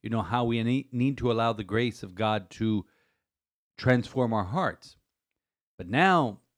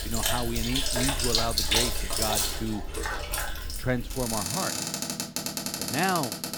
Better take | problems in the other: first | household noises; very loud; throughout; 4 dB above the speech

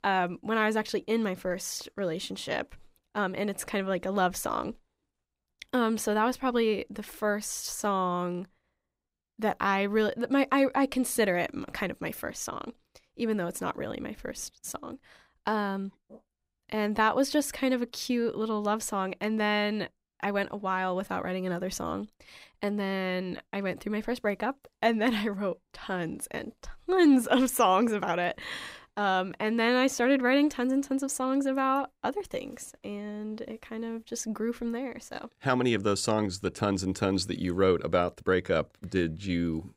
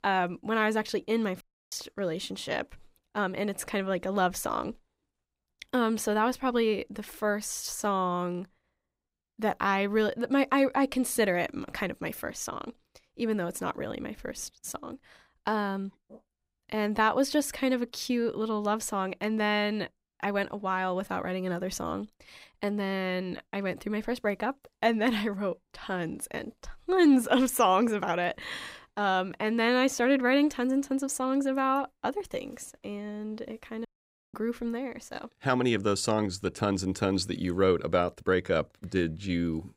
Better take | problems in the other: first | audio cutting out; at 1.5 s and at 34 s

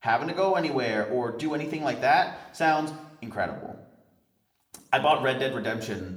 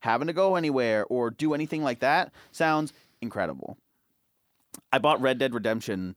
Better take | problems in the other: second | room echo; slight; dies away in 0.7 s

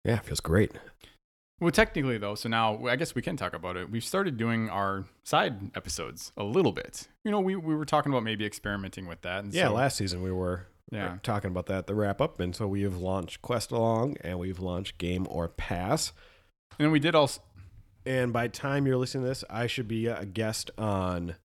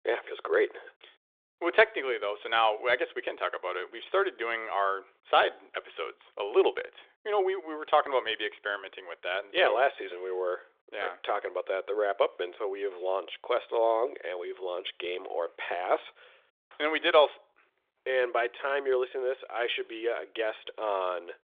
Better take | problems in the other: first | phone-call audio; nothing above 3.5 kHz

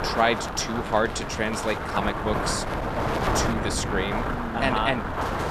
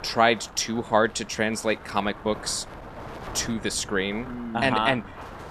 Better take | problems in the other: second | wind noise on the microphone; heavy; 1 dB below the speech; occasional gusts in the second

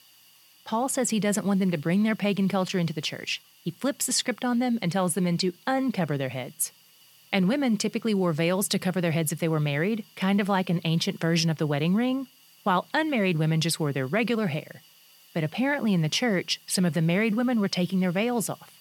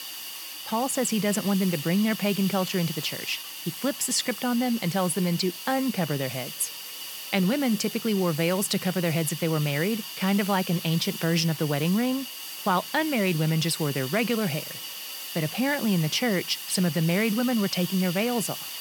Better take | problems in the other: first | hiss; loud; throughout; 8 dB below the speech; faint in the first

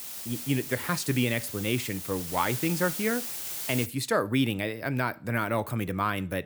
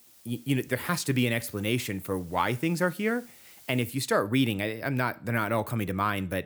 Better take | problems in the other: second | hiss; loud; until 4 s; 5 dB below the speech; faint in the second

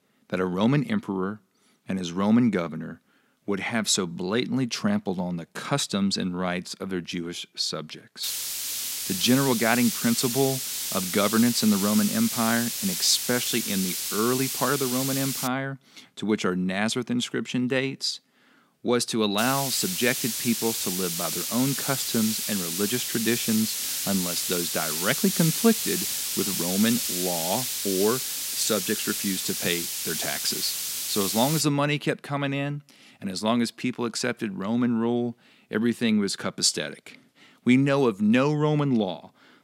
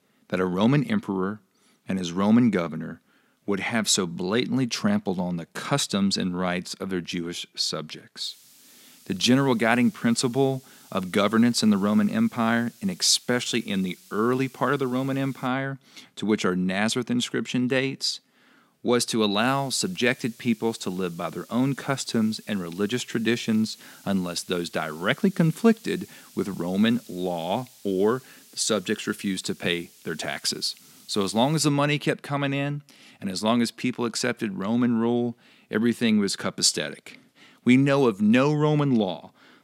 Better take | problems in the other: second | hiss; loud; from 8 to 15 s and from 19 to 32 s; 1 dB below the speech; faint in the second

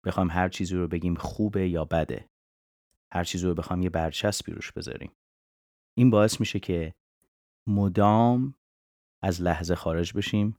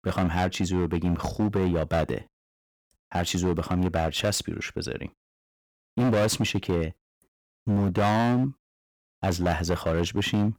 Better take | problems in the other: first | distortion; heavy; 13% of the sound clipped

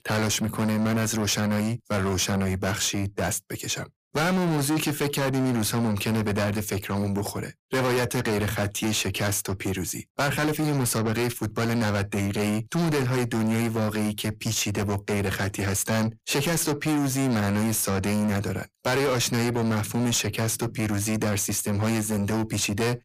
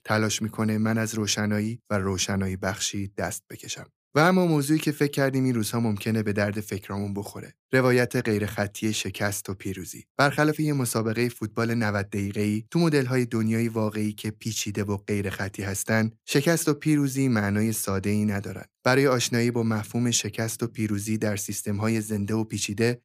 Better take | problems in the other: second | distortion; heavy; 6 dB below the speech

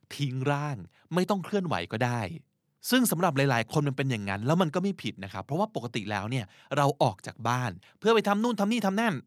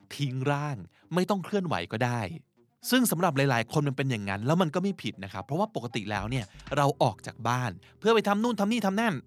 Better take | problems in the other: first | background music; faint; throughout; 25 dB below the speech

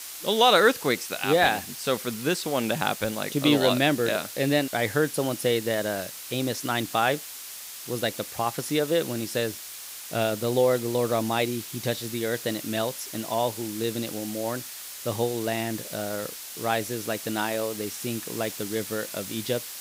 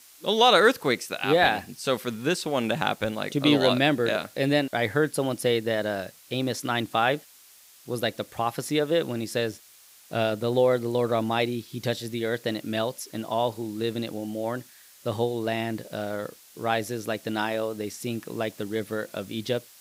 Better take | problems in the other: second | hiss; loud; throughout; 9 dB below the speech; faint in the second

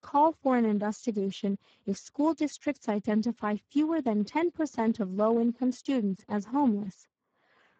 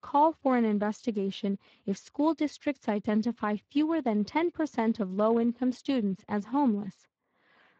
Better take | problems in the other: second | garbled, watery; badly; nothing above 7.5 kHz; slightly in the second

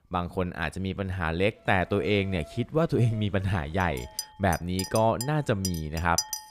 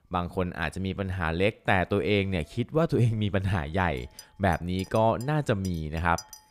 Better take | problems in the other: second | household noises; loud; from 1.5 s on; 9 dB below the speech; faint in the second

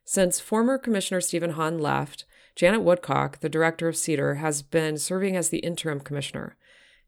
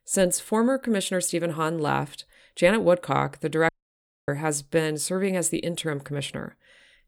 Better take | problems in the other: first | audio cutting out; at 3.5 s for 0.5 s

